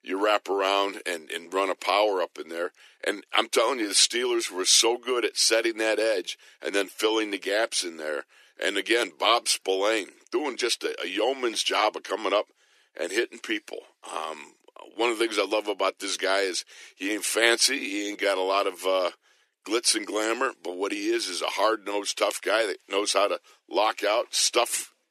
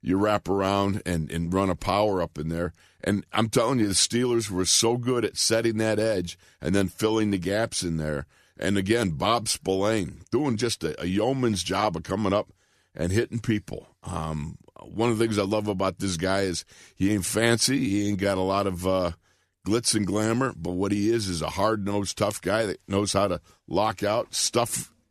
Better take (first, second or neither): second